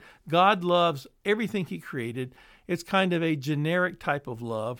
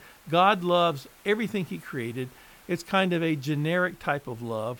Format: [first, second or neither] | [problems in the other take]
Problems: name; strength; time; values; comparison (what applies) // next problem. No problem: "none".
first | hiss; faint; throughout; 25 dB below the speech